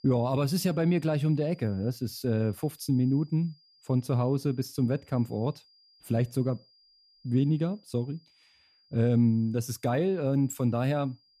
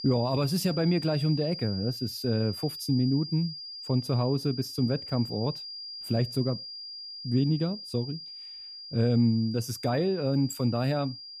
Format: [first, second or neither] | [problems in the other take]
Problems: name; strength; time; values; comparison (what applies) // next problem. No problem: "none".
first | high-pitched whine; loud; throughout; 5 kHz, 10 dB below the speech; faint in the first